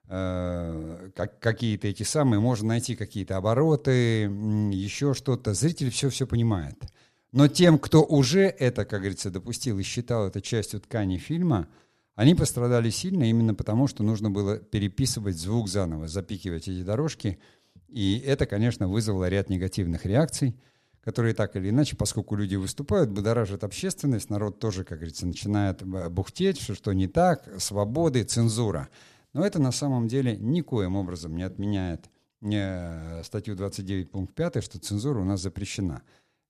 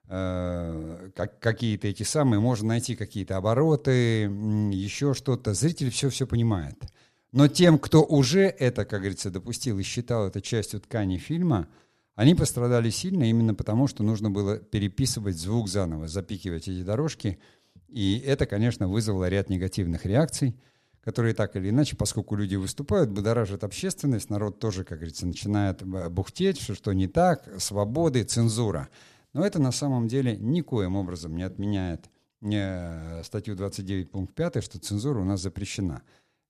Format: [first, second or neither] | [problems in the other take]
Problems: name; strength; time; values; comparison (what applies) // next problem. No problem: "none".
neither | none